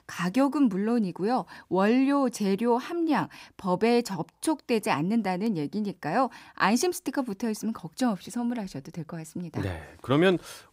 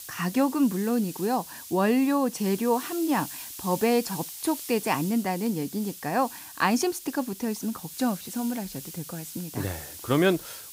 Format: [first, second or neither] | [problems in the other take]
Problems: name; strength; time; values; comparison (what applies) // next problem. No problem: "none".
first | hiss; noticeable; throughout; 10 dB below the speech